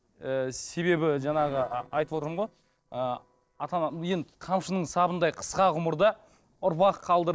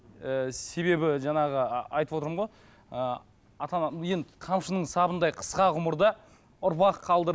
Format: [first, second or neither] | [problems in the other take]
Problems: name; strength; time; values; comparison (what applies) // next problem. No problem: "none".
second | noise reduction (neural separator model SepFormer DNS4)